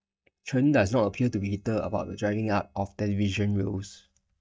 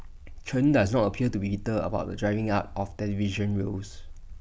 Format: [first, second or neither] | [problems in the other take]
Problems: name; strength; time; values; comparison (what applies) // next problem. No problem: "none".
second | noise reduction (neural mask model DeepFilterNet 3)